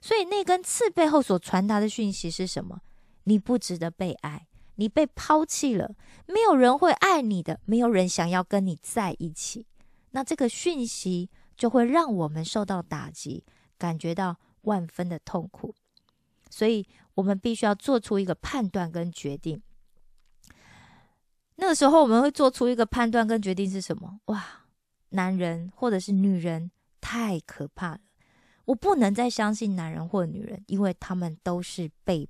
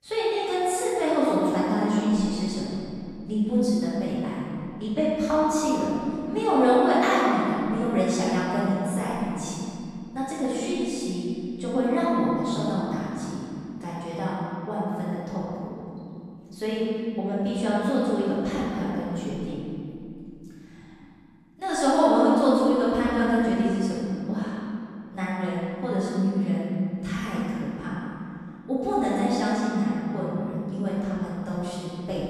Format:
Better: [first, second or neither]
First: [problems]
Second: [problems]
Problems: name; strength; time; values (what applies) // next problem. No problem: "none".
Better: first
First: none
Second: room echo; strong; dies away in 2.6 s // off-mic speech; far